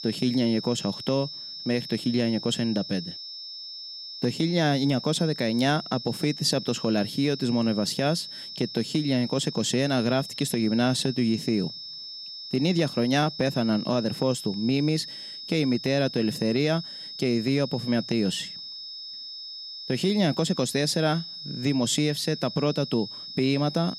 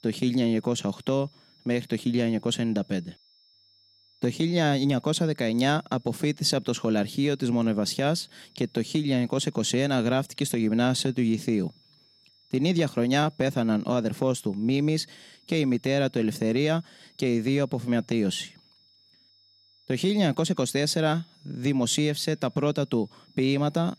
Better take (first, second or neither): second